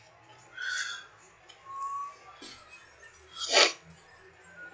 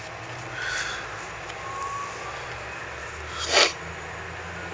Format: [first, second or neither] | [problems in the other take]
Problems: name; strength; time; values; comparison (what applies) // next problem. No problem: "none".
second | noise reduction (classical method log-MMSE)